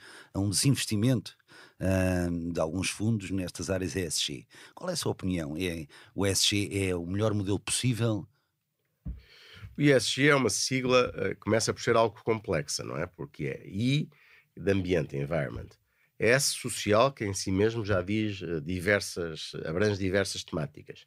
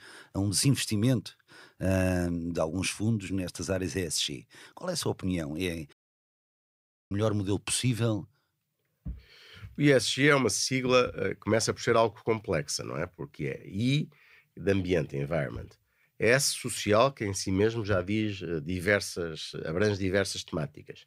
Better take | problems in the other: first | audio cutting out; at 6 s for 1 s

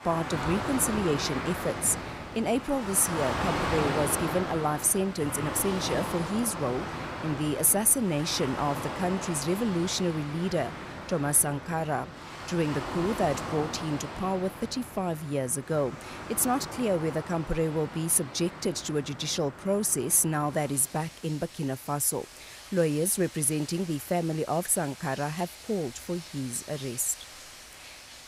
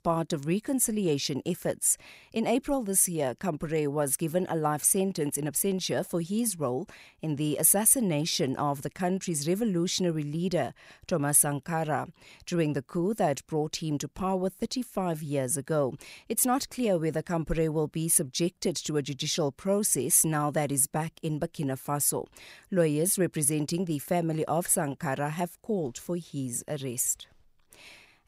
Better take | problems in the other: second | rain or running water; loud; throughout; 9 dB below the speech

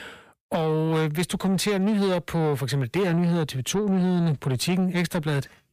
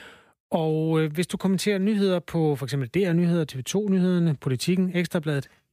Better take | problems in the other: second | distortion; slight; 10 dB below the speech

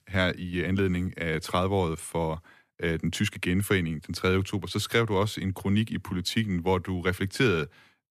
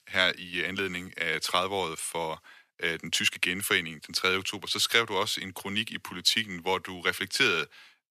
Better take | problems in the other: first | thin; somewhat; fading below 1 kHz

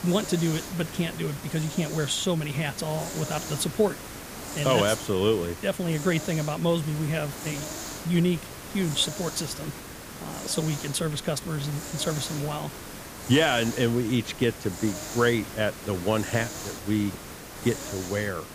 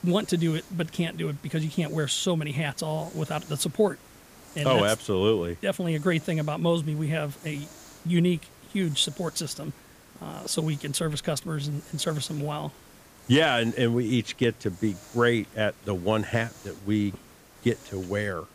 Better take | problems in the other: second | hiss; loud; throughout; 9 dB below the speech; faint in the second

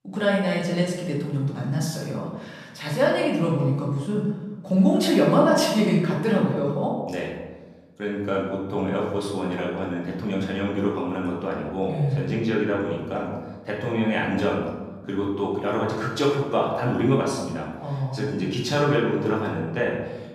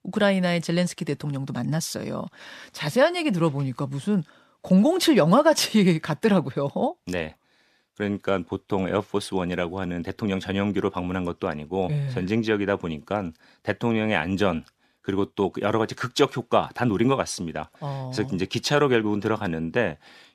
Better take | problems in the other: second | room echo; noticeable; dies away in 1 s // off-mic speech; far

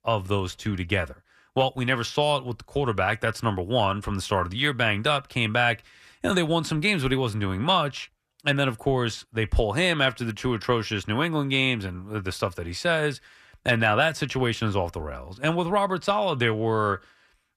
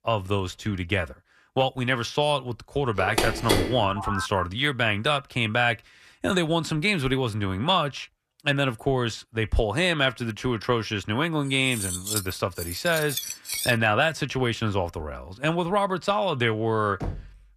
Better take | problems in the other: first | phone ringing; loud; from 3 to 4.5 s; peak 1 dB above the speech // clattering dishes; noticeable; from 12 to 14 s; peak 2 dB below the speech // door banging; noticeable; at 17 s; peak 10 dB below the speech

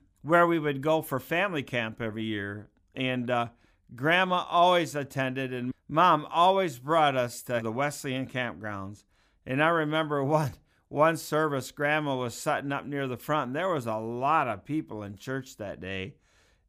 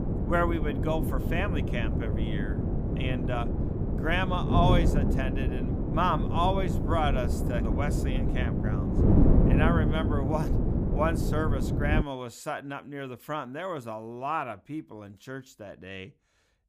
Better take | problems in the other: first | wind noise on the microphone; heavy; until 12 s; 4 dB below the speech

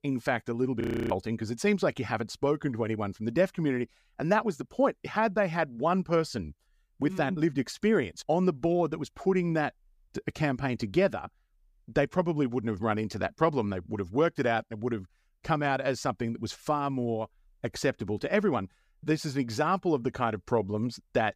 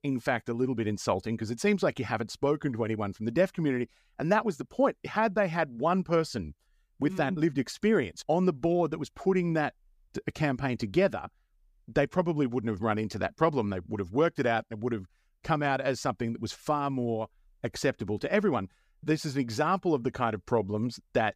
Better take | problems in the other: second | audio freezing; at 1 s

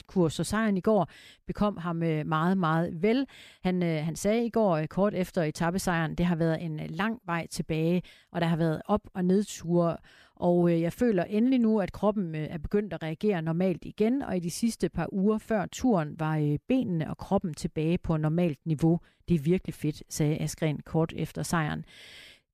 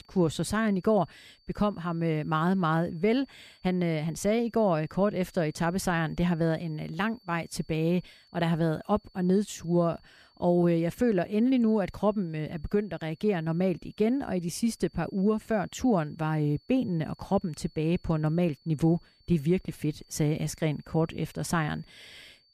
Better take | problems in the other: first | high-pitched whine; faint; throughout; 4.5 kHz, 35 dB below the speech

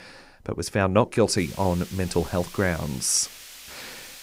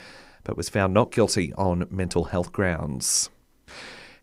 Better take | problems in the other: second | hiss; noticeable; from 1.5 s on; 15 dB below the speech

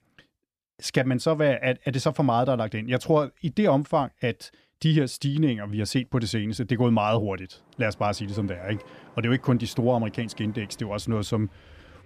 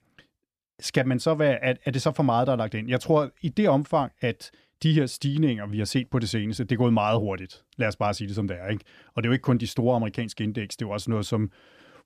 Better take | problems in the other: second | traffic noise; faint; from 8 s on; 25 dB below the speech

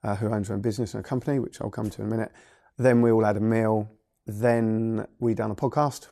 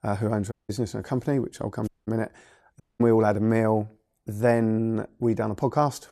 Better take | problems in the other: first | audio cutting out; at 0.5 s, at 2 s and at 3 s

